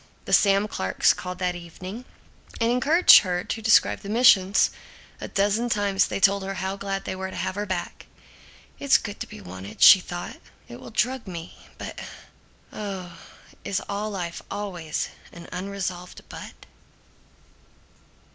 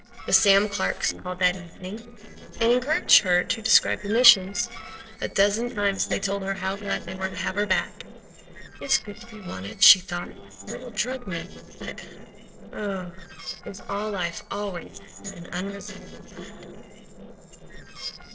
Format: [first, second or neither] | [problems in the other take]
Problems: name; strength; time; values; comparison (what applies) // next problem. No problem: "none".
first | noise reduction (neural separator model SepFormer DNS4)